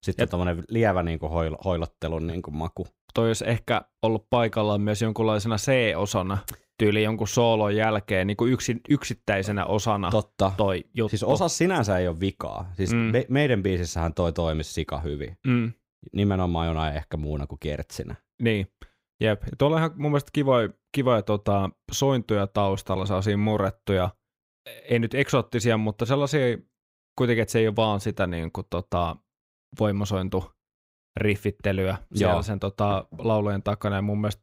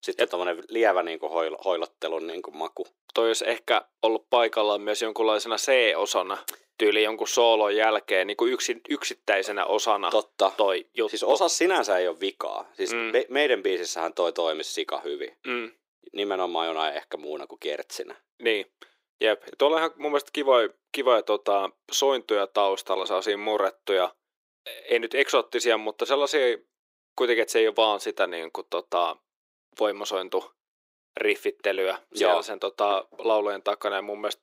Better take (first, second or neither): first